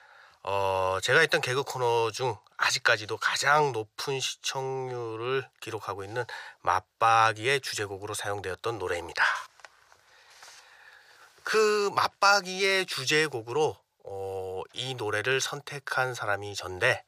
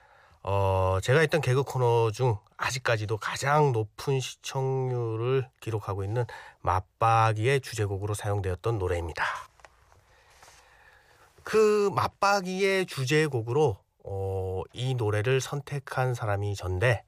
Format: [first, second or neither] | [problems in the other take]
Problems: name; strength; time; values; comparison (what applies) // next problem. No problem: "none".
second | thin; somewhat; fading below 1 kHz